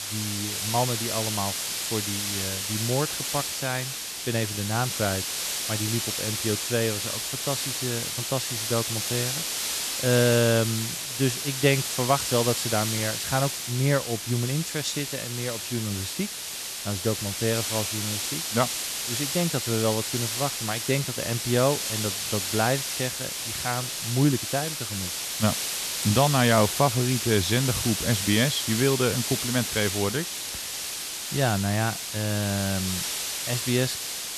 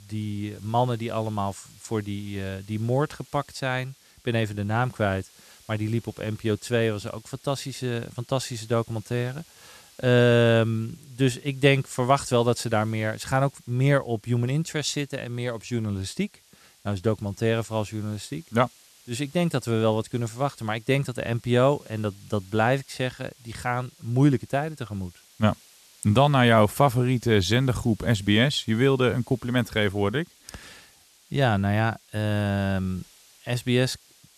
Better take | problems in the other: second | hiss; loud; throughout; 1 dB below the speech; faint in the second

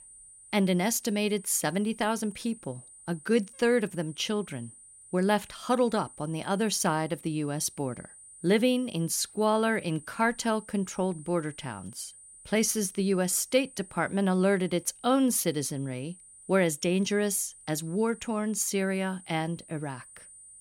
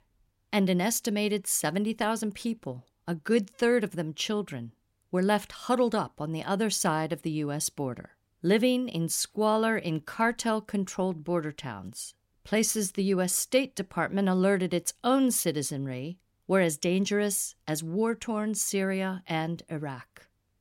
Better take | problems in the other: second | high-pitched whine; noticeable; throughout; 9 kHz, 20 dB below the speech

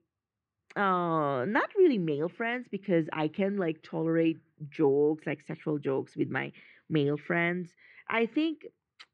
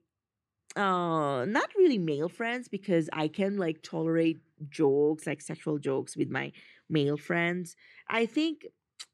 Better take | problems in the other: second | muffled; slightly; fading above 2.5 kHz

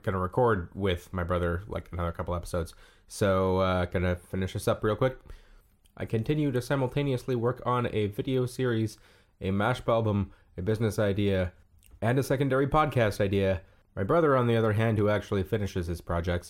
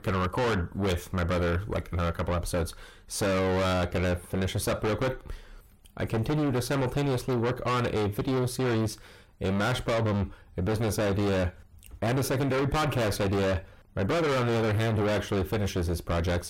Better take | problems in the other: first | distortion; heavy; 6 dB below the speech

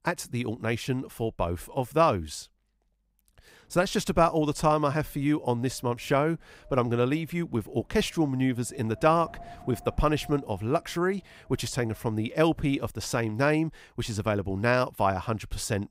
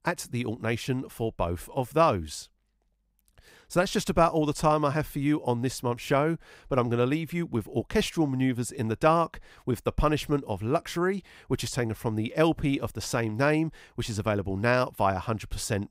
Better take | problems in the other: second | wind noise on the microphone; occasional gusts; from 3.5 to 13 s; 25 dB below the speech

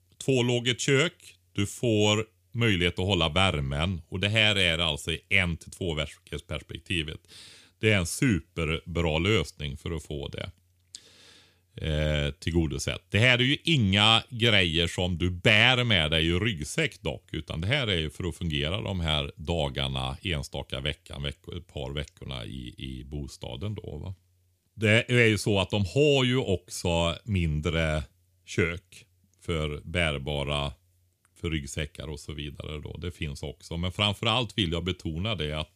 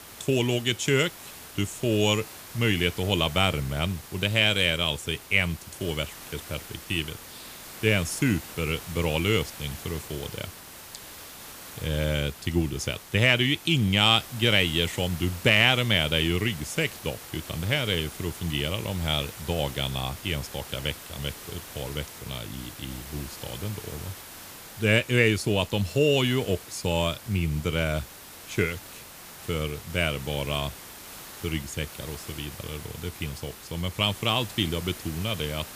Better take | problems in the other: first | hiss; noticeable; throughout; 15 dB below the speech

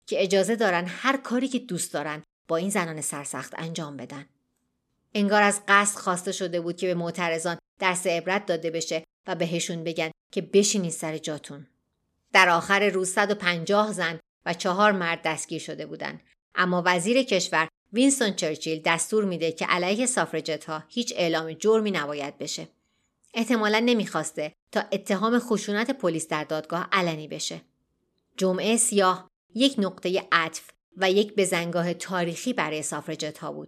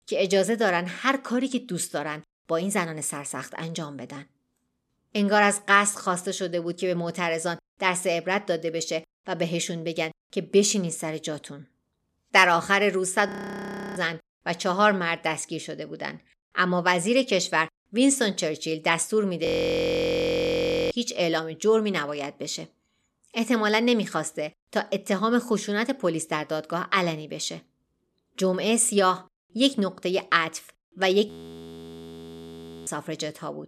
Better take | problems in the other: first | audio freezing; at 13 s for 0.5 s, at 19 s for 1.5 s and at 31 s for 1.5 s

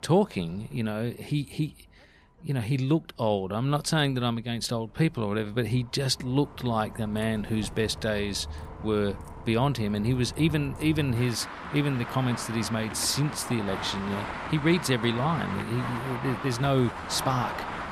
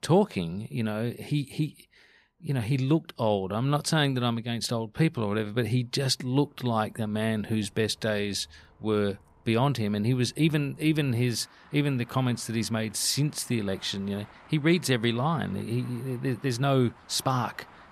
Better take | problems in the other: second | traffic noise; loud; throughout; 9 dB below the speech; faint in the second

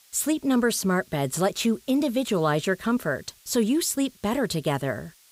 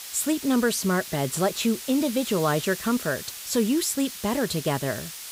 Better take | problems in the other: first | hiss; loud; throughout; 10 dB below the speech; faint in the first

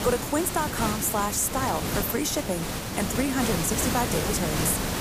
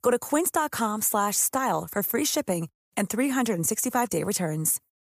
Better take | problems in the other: second | hiss; loud; throughout; 2 dB below the speech

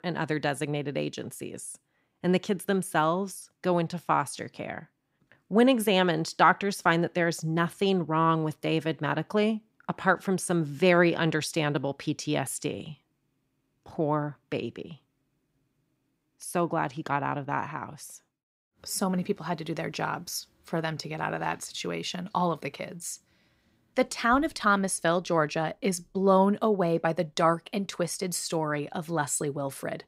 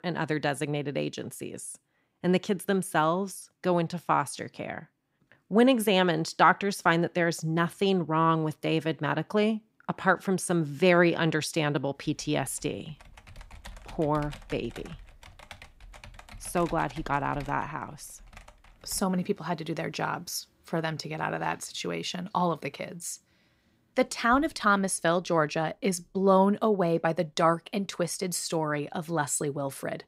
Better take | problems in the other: first | keyboard typing; faint; from 12 to 19 s; peak 15 dB below the speech

